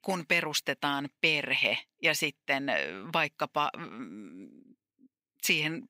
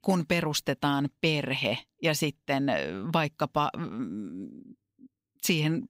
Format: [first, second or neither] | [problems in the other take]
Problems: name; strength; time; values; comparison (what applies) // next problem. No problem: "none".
second | thin; very slightly; fading below 500 Hz